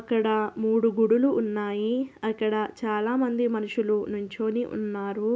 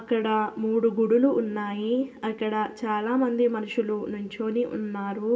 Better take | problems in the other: first | room echo; dies away in 1.2 s

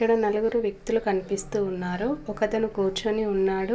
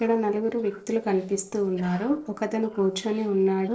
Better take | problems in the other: first | noise reduction (neural separator model SepFormer DNS4)

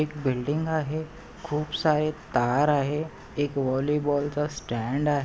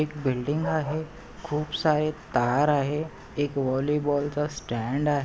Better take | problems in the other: first | background sound (Bark); 15 dB below the speech

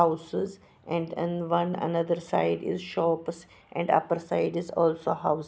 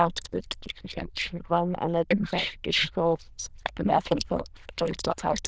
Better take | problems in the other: first | noise reduction (neural diffusion model UNIVERSE++)

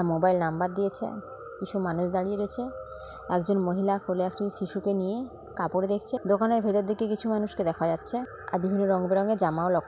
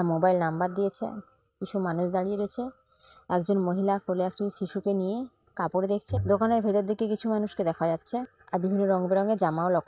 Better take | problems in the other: first | noise reduction (neural mask model RNNoise)

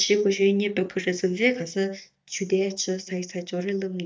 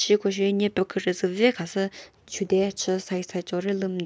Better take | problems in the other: second | noise reduction (neural mask model DeepFilterNet 3)

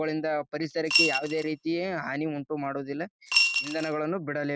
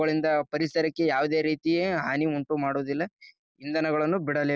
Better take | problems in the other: second | noise reduction (neural mask model RNNoise)

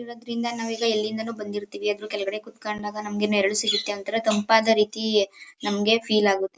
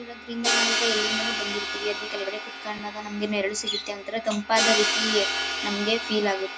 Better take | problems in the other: first | background sound (Crash cymbal); as loud as the speech

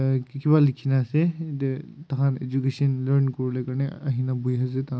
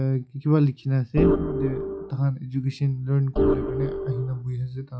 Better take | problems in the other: first | noise reduction (classical method log-MMSE)

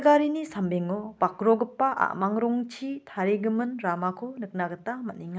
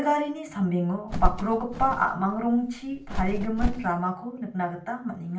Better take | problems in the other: first | background sound (Bird); 1 dB below the speech // room echo; dies away in 0.3 s

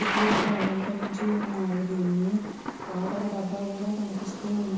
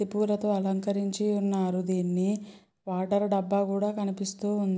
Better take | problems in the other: second | background sound (Thunder / Rain); 4 dB below the speech // room echo; dies away in 0.9 s

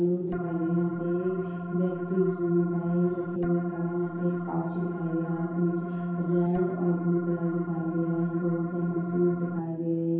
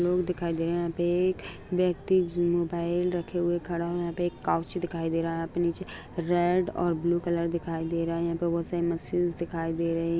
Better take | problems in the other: second | background sound (Organ); 4 dB below the speech // room echo; dies away in 0.8 s

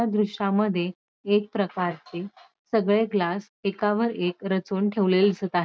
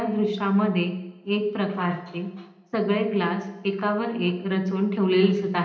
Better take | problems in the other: first | room echo; dies away in 0.9 s

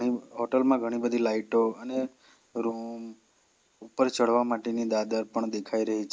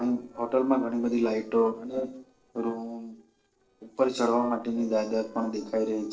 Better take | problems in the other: first | noise reduction (neural separator model SepFormer DNS4)

